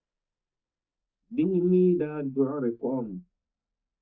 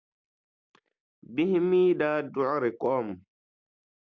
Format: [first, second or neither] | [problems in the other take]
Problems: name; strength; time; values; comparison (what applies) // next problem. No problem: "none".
second | noise reduction (neural mask model DeepFilterNet 3)